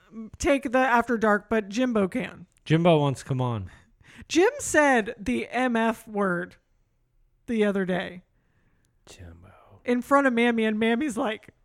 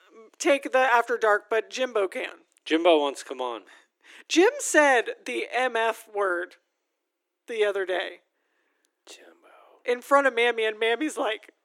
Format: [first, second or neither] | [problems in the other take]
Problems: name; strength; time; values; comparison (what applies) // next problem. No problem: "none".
first | thin; very; fading below 300 Hz